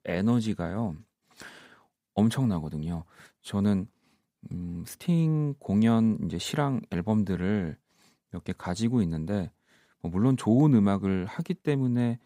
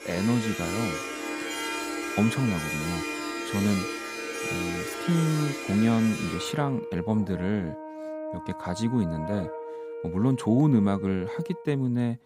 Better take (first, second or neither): first